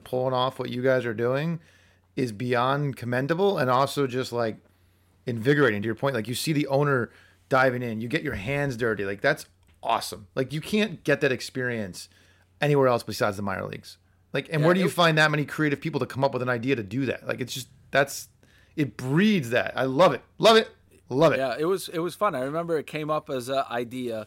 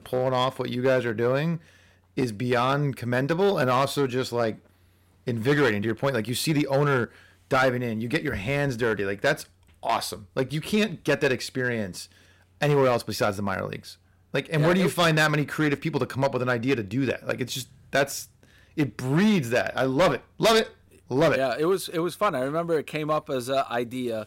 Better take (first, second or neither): first